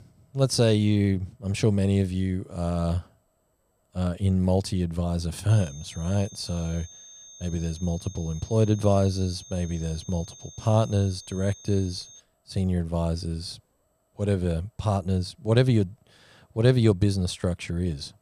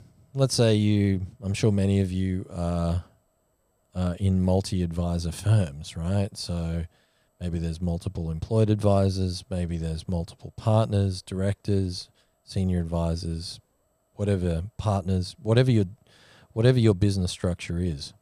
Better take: second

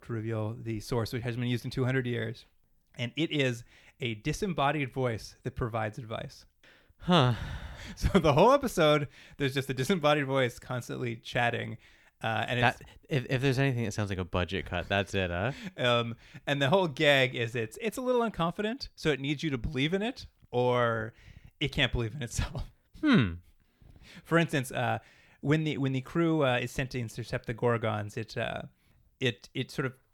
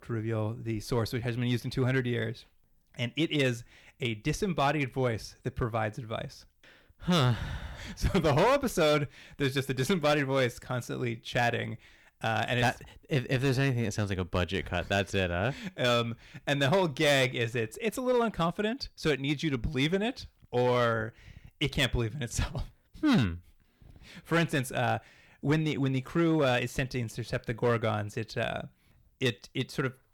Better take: first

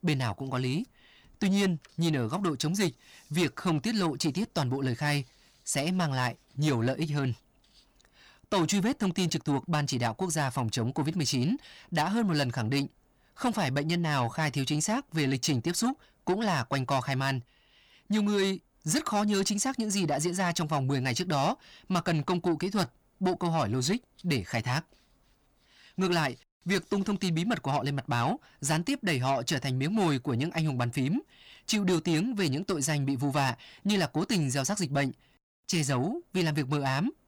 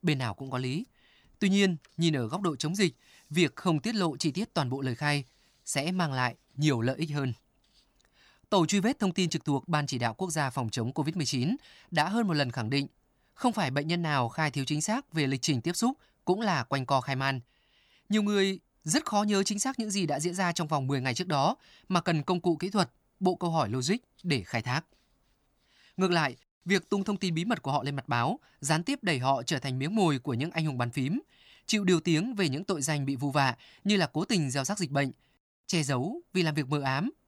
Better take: second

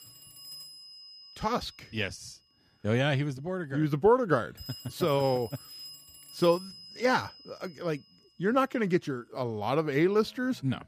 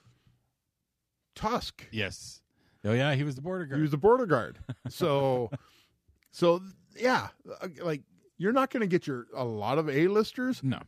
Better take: second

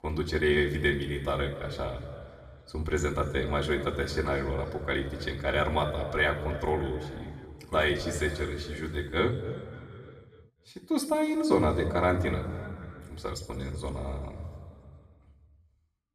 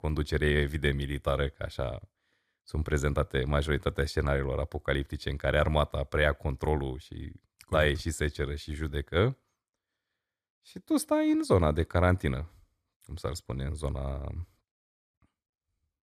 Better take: second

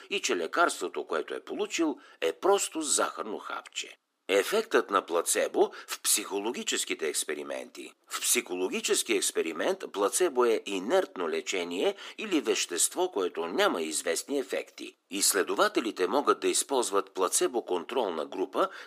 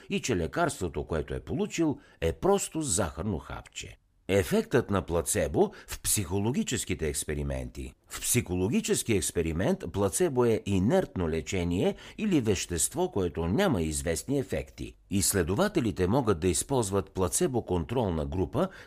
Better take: second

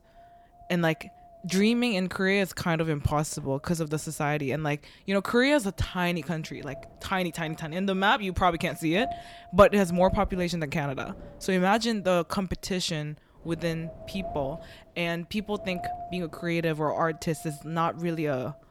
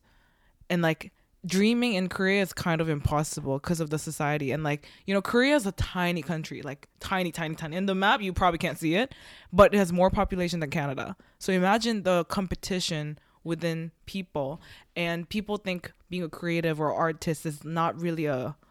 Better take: second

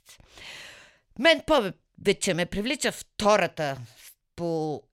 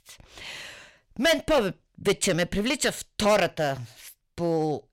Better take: first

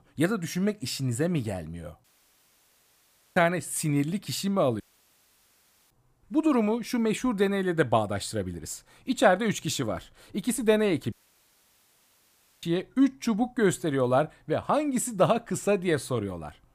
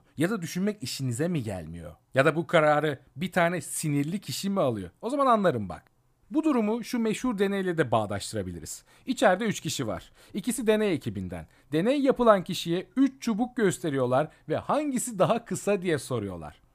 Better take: second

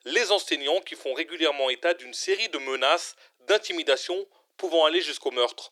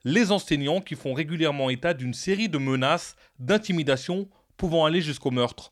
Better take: second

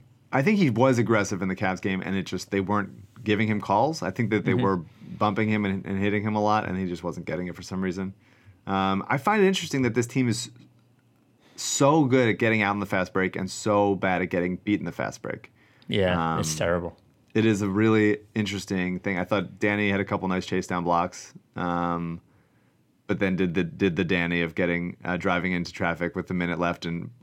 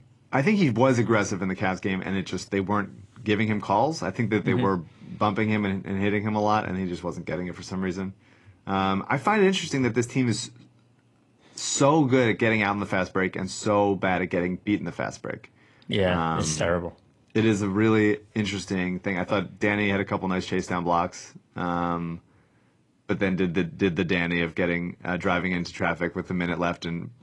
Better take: first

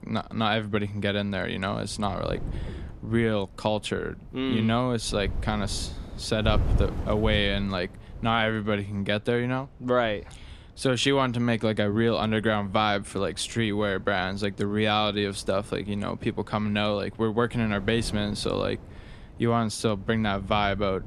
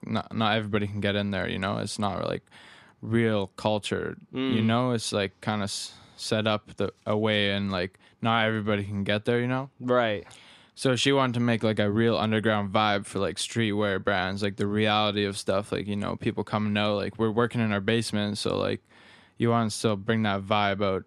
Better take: second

